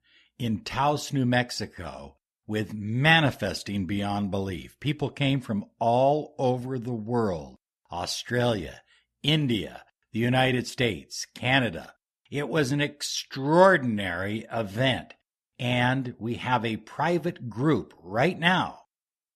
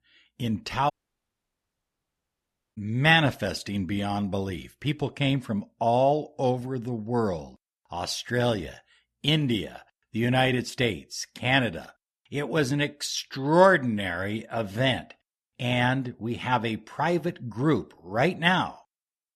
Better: first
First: none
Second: audio cutting out; at 1 s for 2 s

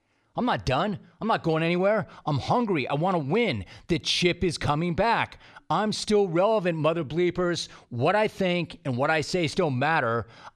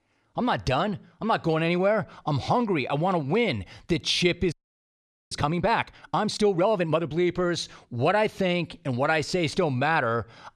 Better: first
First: none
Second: audio freezing; at 4.5 s for 1 s

